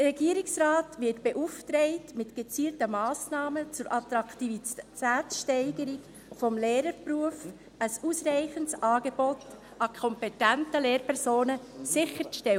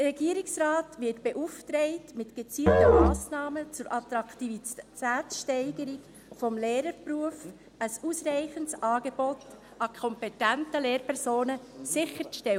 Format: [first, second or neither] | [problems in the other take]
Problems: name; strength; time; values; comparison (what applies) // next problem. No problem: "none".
first | background sound (Musical instrument); 5 dB above the speech